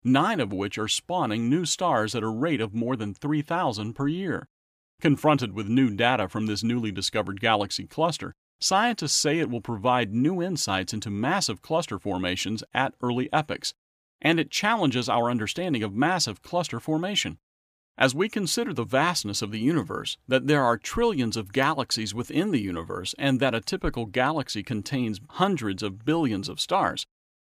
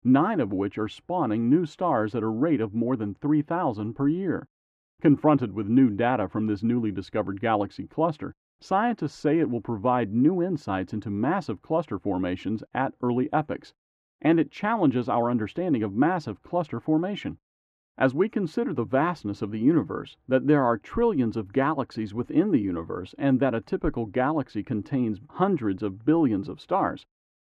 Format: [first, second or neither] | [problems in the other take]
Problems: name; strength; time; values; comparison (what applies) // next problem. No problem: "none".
first | muffled; very; fading above 3 kHz